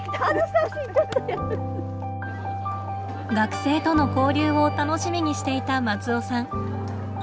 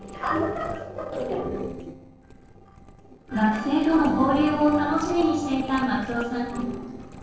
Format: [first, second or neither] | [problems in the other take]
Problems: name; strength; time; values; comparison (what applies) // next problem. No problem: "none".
first | noise reduction (neural separator model SepFormer DNS4)